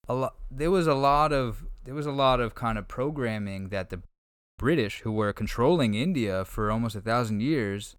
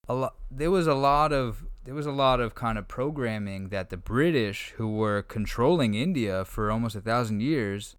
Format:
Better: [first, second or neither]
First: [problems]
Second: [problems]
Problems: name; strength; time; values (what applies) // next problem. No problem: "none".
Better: second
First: audio freezing; at 4 s for 0.5 s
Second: none